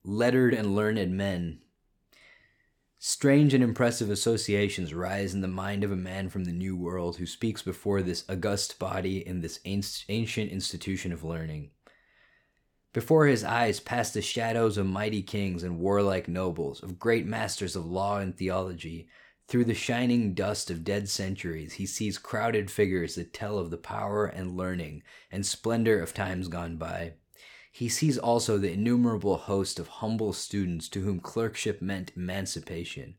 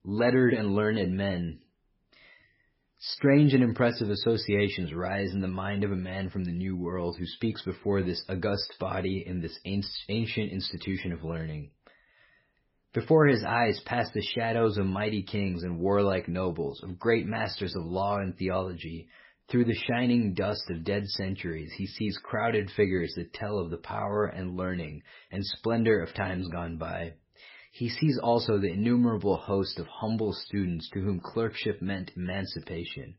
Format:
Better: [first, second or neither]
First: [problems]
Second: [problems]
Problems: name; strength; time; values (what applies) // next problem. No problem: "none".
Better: first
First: none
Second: garbled, watery; badly; nothing above 5.5 kHz